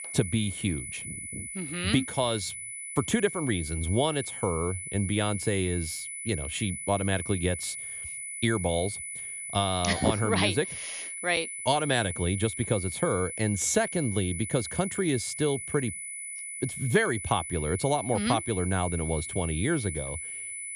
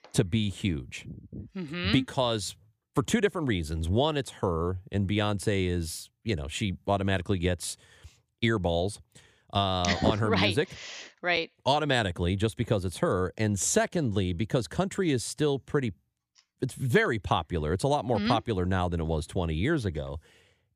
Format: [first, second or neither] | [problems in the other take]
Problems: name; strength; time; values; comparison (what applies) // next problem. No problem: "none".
second | high-pitched whine; loud; throughout; 10 kHz, 6 dB below the speech